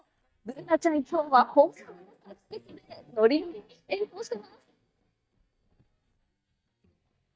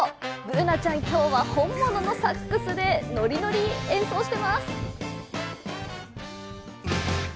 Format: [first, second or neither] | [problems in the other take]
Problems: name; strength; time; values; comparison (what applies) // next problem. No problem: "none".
second | noise reduction (neural mask model DeepFilterNet 3)